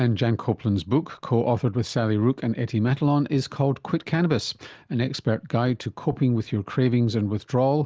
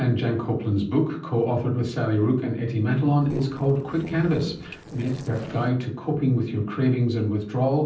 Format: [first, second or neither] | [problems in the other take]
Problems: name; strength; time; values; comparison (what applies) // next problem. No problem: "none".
first | noise reduction (neural separator model SepFormer DNS4)